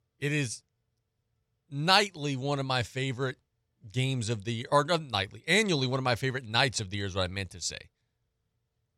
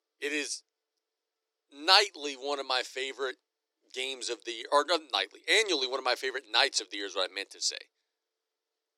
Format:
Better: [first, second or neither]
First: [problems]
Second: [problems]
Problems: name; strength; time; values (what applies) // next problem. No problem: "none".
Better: first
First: none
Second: thin; very; fading below 300 Hz